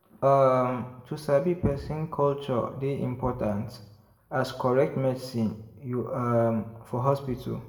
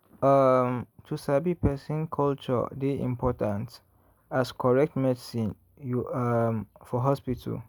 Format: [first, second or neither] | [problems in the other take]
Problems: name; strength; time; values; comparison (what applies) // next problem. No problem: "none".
second | room echo; dies away in 0.7 s